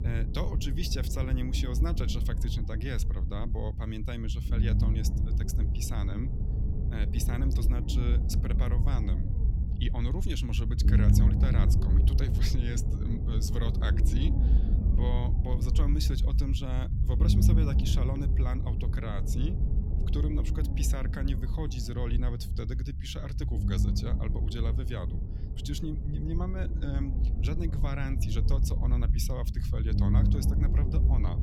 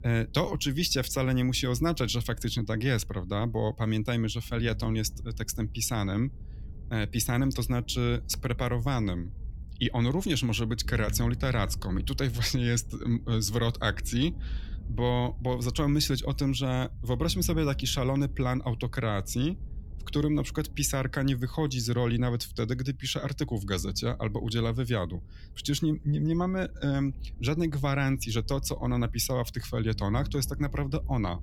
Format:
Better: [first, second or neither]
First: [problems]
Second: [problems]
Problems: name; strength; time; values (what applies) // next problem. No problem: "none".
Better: second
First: low rumble; loud; throughout; 3 dB below the speech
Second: low rumble; faint; throughout; 25 dB below the speech